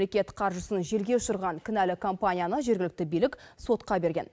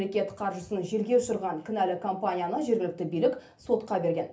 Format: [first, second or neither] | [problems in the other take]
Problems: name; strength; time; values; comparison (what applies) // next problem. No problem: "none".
first | room echo; dies away in 0.3 s